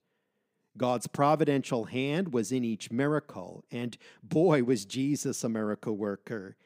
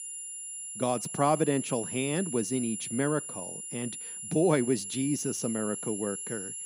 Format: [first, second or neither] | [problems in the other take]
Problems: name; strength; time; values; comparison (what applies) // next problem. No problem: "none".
first | high-pitched whine; loud; throughout; 10.5 kHz, 5 dB below the speech